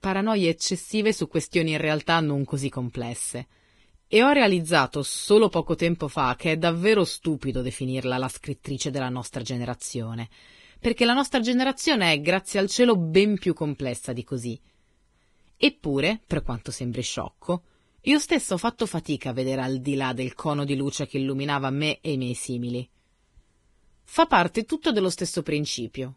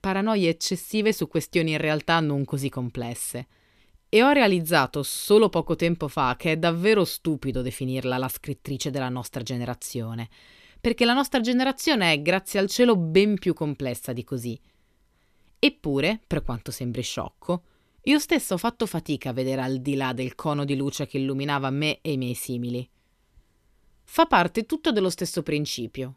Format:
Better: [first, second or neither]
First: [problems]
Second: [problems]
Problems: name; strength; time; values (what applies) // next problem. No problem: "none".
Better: second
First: garbled, watery; badly; nothing above 11 kHz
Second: none